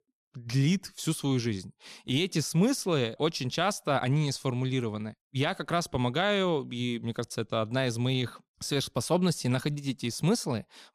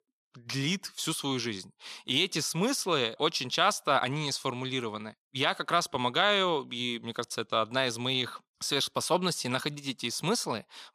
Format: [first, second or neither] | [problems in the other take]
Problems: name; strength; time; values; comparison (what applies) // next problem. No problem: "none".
first | thin; somewhat; fading below 900 Hz